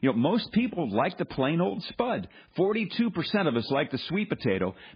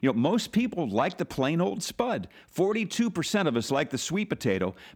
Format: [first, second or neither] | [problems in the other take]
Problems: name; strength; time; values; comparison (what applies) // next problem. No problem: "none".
second | garbled, watery; badly; nothing above 4.5 kHz